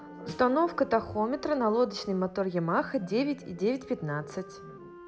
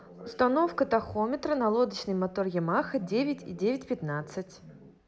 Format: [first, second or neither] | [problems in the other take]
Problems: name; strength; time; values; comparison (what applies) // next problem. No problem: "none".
second | background sound (Wind instrument, woodwind instrument + Snare drum); 19 dB below the speech